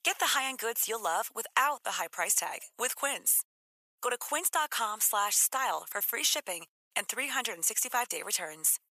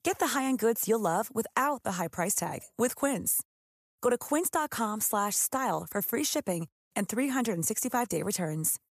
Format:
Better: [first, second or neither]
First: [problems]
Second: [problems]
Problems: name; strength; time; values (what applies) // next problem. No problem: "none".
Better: second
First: thin; very; fading below 850 Hz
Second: none